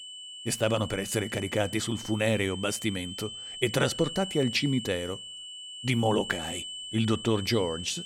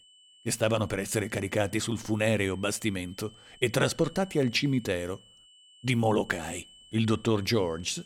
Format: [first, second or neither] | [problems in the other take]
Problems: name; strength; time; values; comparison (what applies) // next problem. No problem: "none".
second | high-pitched whine; loud; throughout; 3 kHz, 9 dB below the speech; faint in the second